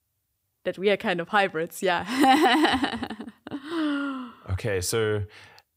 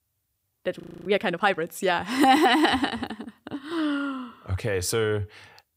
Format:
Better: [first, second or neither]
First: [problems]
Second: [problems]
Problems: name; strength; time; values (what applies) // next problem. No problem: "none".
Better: first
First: none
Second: audio freezing; at 1 s